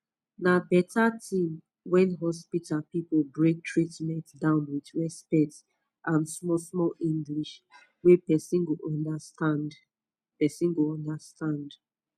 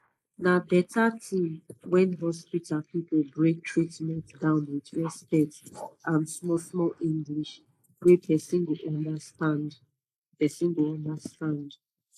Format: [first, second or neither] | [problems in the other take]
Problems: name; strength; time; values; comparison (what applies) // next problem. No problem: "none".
first | noise reduction (neural mask model Resemble Enhance denoiser)